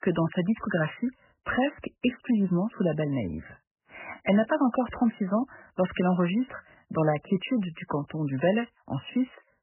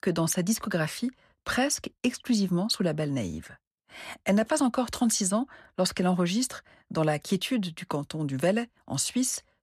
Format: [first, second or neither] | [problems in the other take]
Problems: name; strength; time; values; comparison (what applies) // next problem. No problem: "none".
second | garbled, watery; badly; nothing above 3 kHz